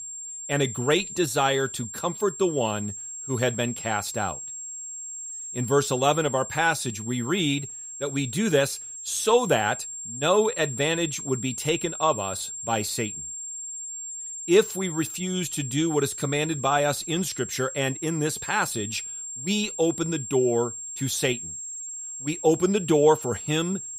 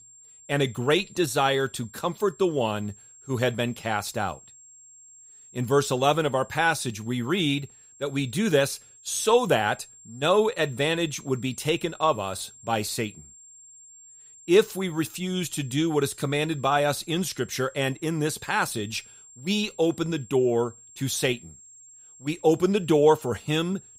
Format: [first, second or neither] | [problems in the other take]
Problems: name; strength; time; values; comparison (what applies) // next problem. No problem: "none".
second | high-pitched whine; loud; throughout; 7.5 kHz, 8 dB below the speech; faint in the second